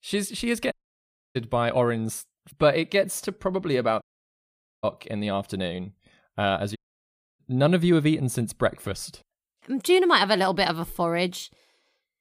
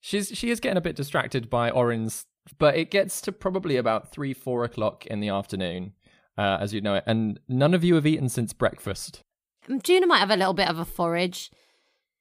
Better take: second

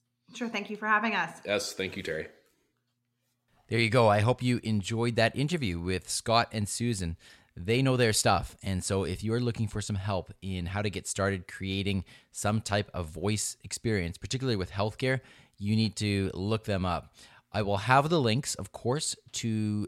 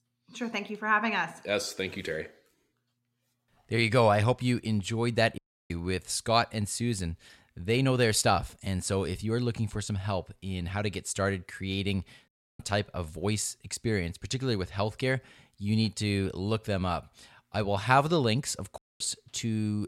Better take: first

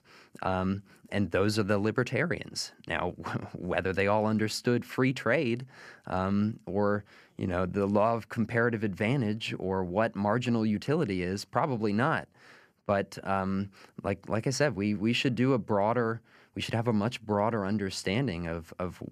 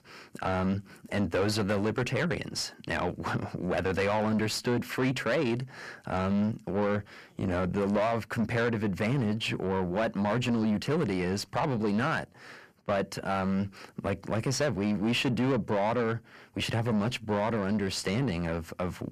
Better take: first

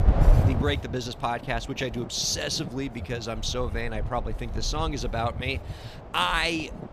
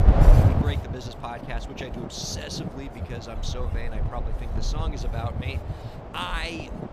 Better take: first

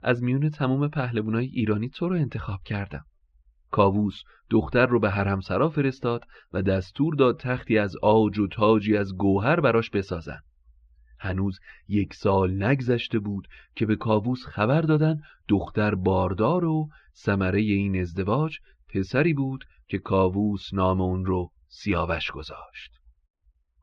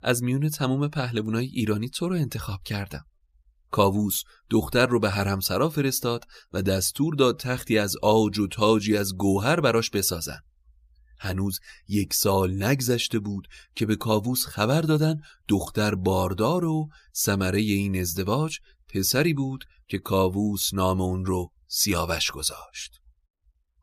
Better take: second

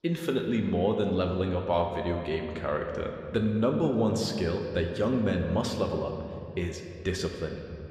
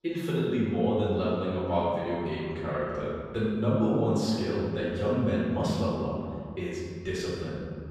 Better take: first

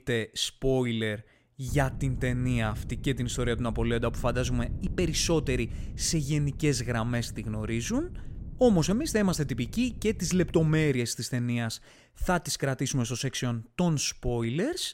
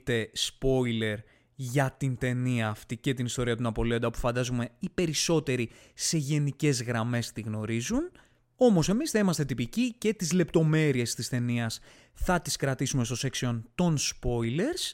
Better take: second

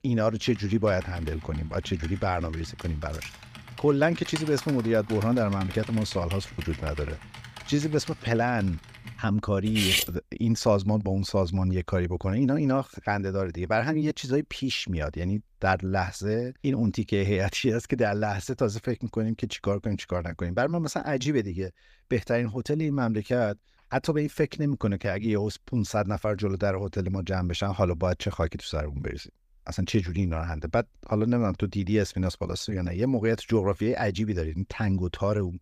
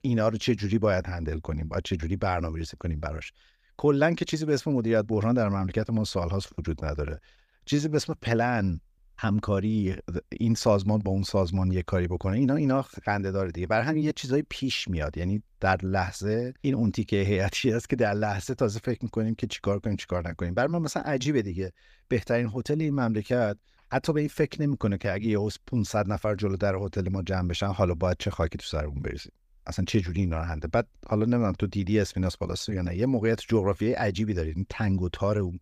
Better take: second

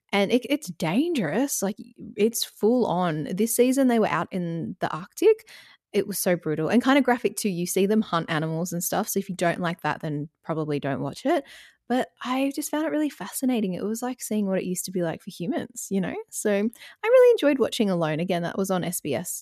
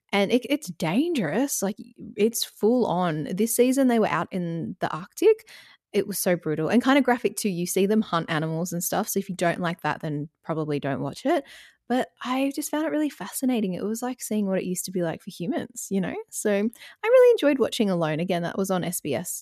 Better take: neither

